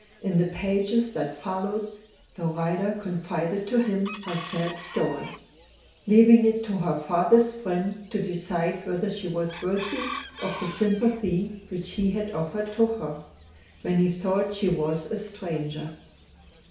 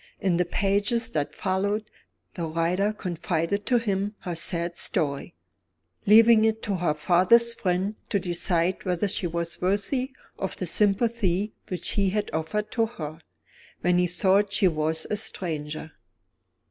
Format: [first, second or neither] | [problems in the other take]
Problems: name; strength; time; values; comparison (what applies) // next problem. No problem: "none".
second | background sound (Chicken, rooster); 18 dB below the speech // room echo; dies away in 0.6 s